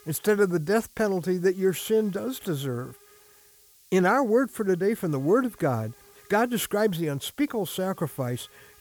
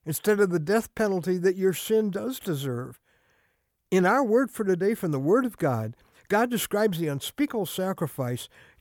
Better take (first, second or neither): second